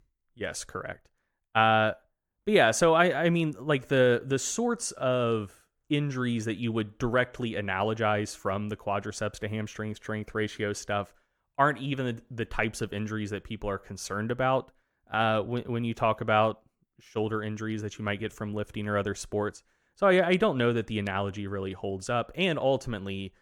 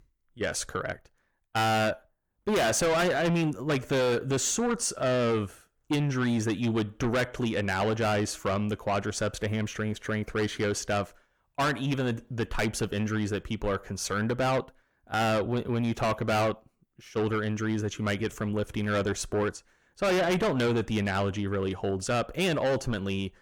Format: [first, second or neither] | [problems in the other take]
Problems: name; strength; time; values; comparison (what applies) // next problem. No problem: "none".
first | distortion; heavy; 6 dB below the speech